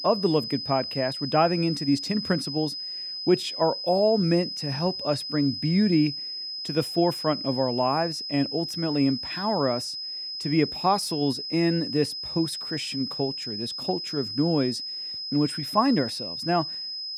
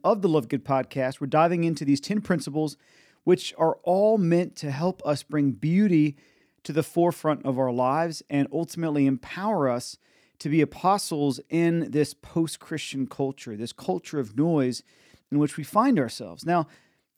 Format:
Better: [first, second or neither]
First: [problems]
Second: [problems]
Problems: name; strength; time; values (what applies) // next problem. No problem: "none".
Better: second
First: high-pitched whine; loud; throughout; 5 kHz, 5 dB below the speech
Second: none